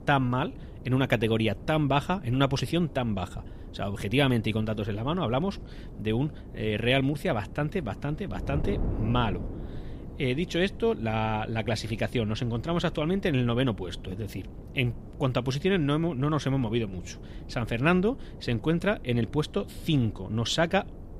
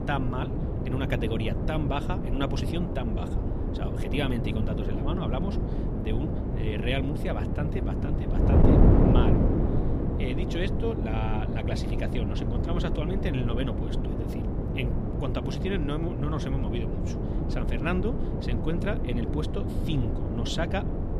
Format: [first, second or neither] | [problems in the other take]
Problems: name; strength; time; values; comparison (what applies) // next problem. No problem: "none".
first | wind noise on the microphone; heavy; as loud as the speech; occasional gusts in the first